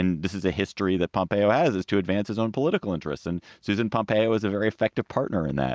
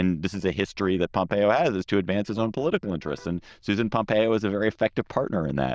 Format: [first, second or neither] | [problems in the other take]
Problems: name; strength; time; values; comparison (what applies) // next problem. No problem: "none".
first | noise reduction (neural diffusion model UNIVERSE++)